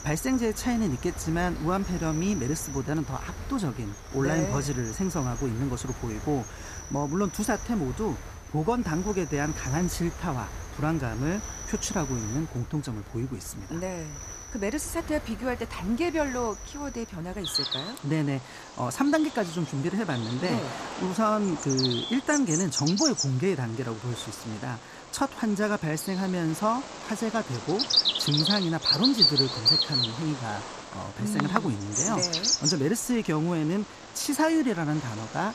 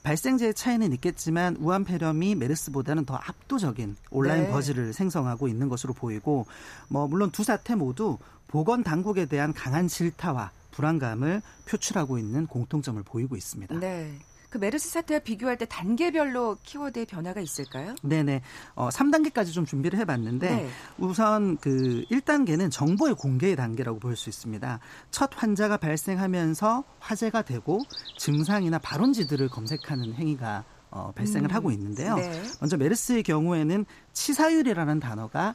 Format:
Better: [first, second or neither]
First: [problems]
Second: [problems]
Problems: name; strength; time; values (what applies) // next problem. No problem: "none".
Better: second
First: animal sounds; loud; throughout; 1 dB below the speech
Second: animal sounds; faint; throughout; 20 dB below the speech